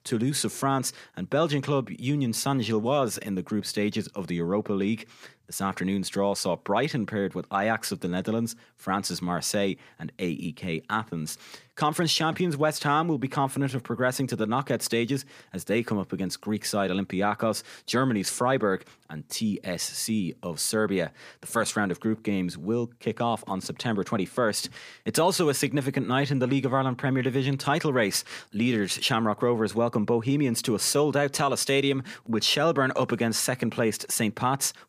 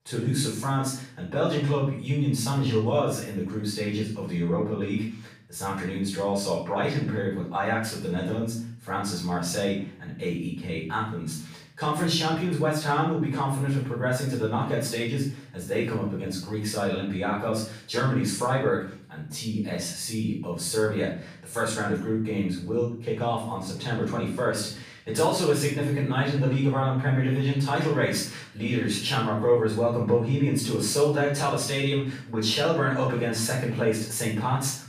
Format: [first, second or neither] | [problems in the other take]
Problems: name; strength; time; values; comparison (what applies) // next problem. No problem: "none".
first | room echo; noticeable; dies away in 0.5 s // off-mic speech; far